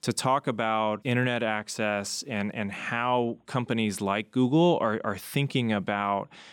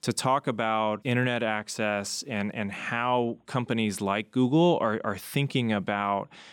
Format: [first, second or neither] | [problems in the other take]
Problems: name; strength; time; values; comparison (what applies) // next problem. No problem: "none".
neither | none